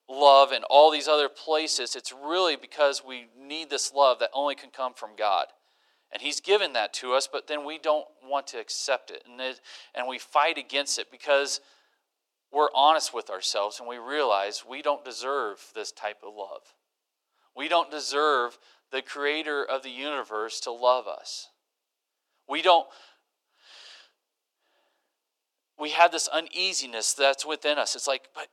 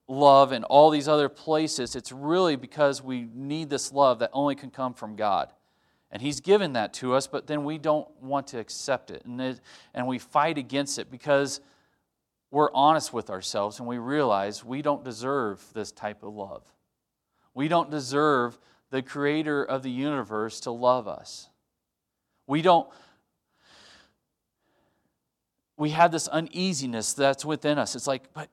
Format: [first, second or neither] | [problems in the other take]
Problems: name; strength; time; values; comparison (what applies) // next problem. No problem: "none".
second | thin; somewhat; fading below 400 Hz